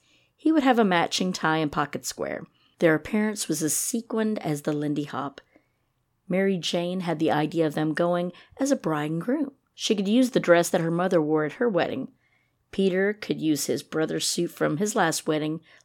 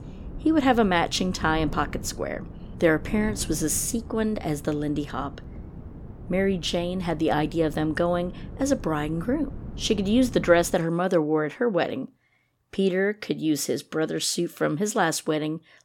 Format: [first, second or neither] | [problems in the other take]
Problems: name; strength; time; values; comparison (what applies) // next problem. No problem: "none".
first | wind noise on the microphone; occasional gusts; until 11 s; 20 dB below the speech